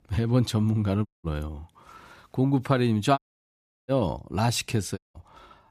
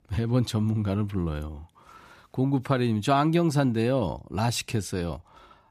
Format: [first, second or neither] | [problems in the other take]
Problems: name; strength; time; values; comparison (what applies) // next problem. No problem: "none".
second | audio cutting out; at 1 s, at 3 s for 0.5 s and at 5 s